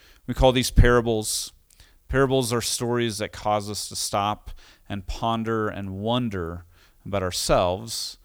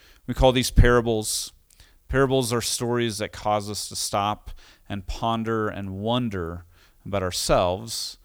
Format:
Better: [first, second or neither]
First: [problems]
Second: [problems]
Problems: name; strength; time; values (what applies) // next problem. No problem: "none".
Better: neither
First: none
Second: none